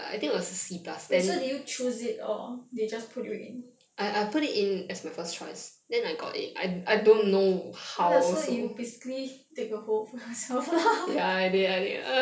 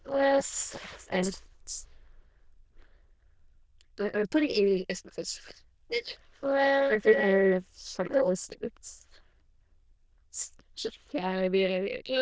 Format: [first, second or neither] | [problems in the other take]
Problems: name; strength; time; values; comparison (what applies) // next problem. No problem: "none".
first | noise reduction (neural diffusion model UNIVERSE++)